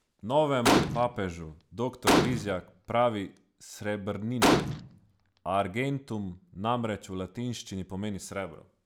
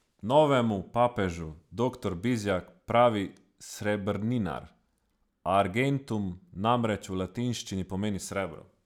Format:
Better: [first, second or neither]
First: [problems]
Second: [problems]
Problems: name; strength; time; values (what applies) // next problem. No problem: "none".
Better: second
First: background sound (Gunshot, gunfire); 4 dB above the speech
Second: none